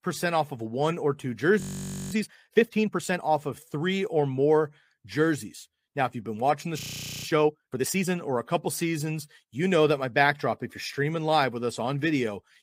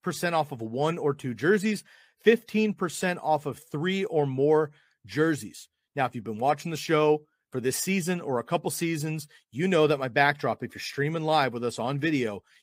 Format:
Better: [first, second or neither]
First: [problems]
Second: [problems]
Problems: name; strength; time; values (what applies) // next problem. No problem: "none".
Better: second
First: audio freezing; at 1.5 s for 0.5 s and at 7 s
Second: none